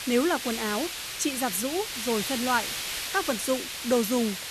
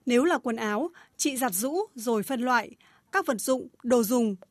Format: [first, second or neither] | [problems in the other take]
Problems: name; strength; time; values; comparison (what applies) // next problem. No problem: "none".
second | hiss; loud; throughout; 3 dB below the speech